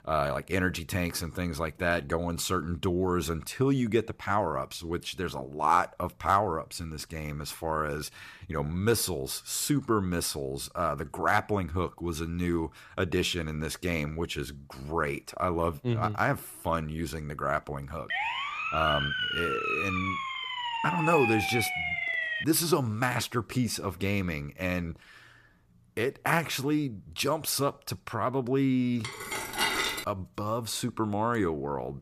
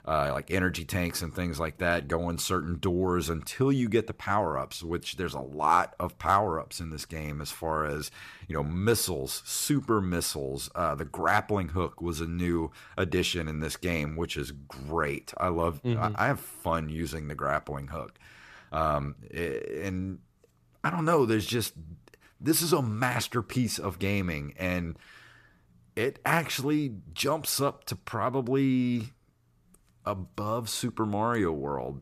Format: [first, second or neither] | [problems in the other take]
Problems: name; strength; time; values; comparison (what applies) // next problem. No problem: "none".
second | siren; loud; from 18 to 22 s; peak 2 dB above the speech // clattering dishes; loud; from 29 to 30 s; peak 3 dB above the speech